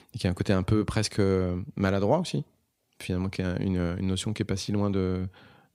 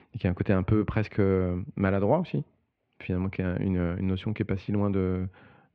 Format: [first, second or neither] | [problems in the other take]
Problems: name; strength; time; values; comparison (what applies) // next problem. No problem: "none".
first | muffled; very; fading above 2.5 kHz